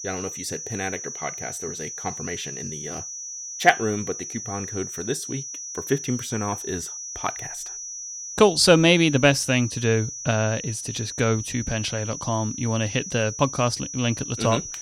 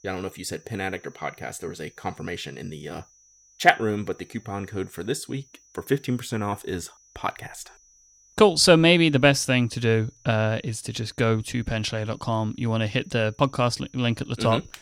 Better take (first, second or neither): second